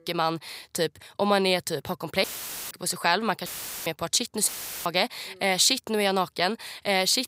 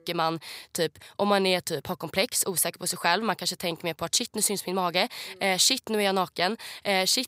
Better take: second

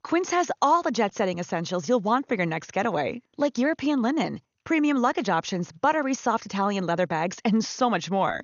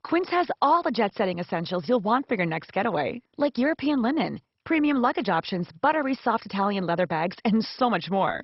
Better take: first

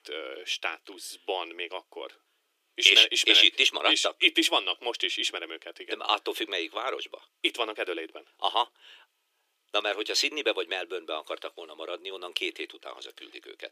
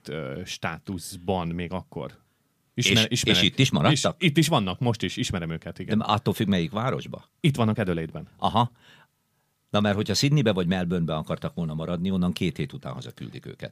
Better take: second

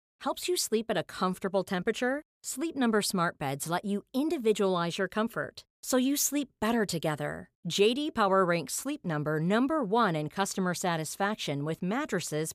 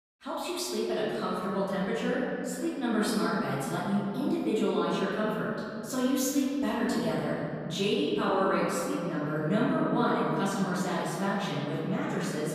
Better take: first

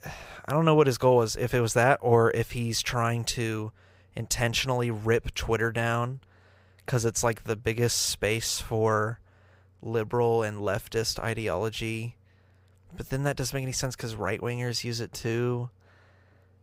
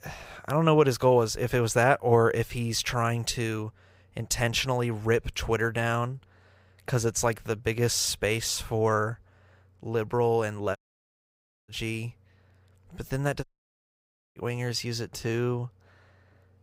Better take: first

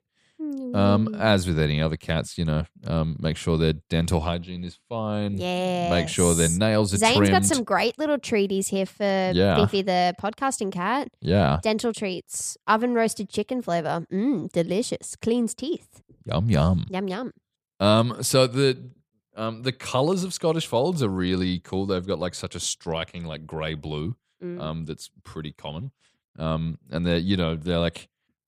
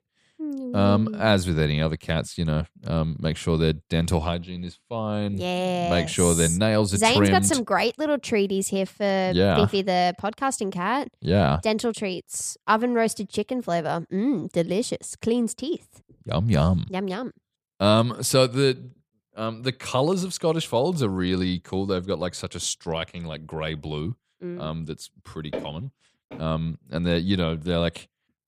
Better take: first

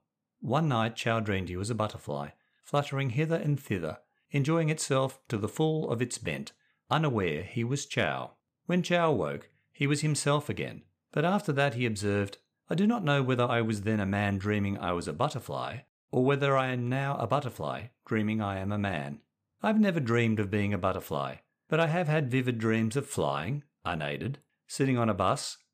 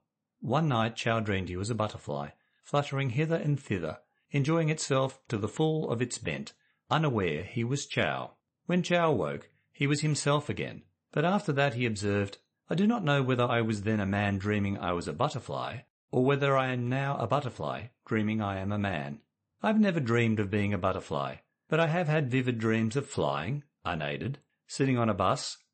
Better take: first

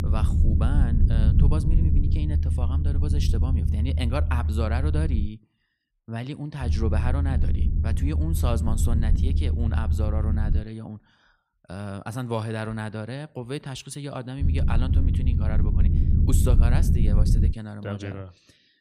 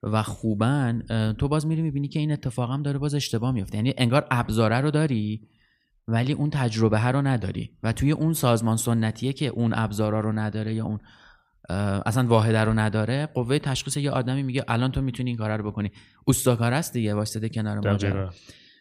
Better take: second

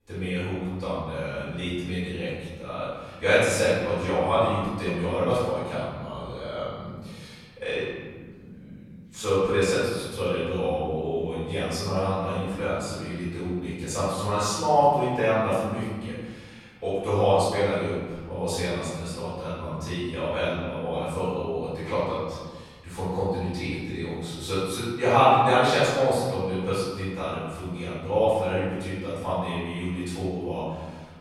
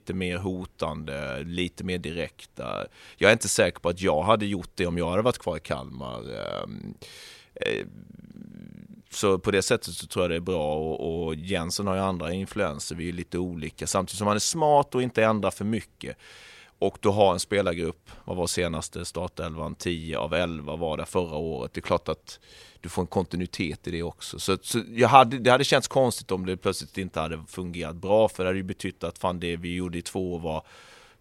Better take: second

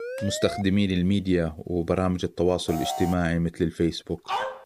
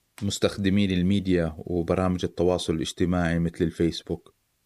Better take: second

